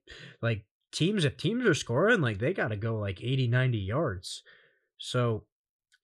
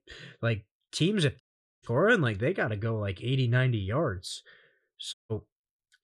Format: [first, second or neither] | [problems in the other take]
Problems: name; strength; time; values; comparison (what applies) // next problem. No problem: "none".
first | audio cutting out; at 1.5 s and at 5 s